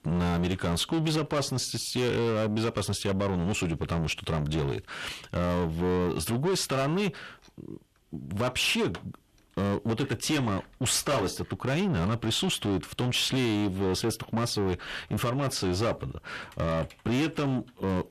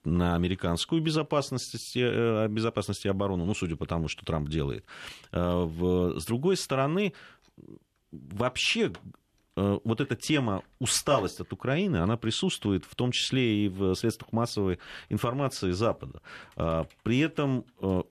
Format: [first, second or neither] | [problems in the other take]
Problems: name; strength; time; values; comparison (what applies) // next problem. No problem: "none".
second | distortion; heavy; 7 dB below the speech